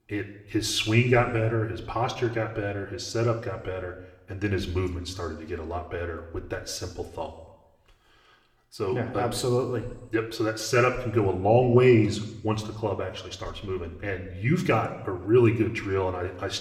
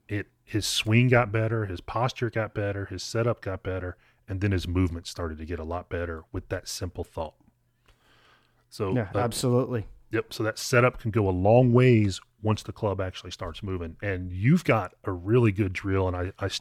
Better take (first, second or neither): second